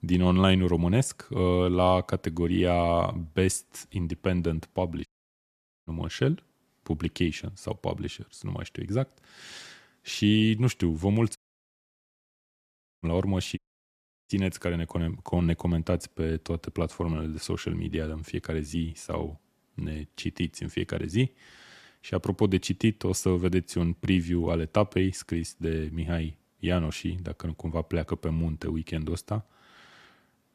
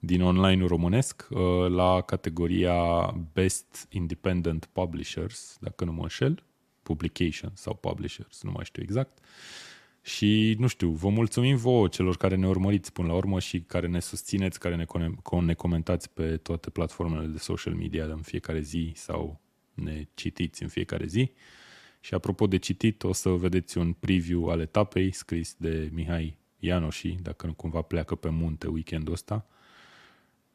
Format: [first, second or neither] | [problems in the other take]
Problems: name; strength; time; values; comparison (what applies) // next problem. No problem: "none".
second | audio cutting out; at 5 s for 1 s, at 11 s for 1.5 s and at 14 s for 0.5 s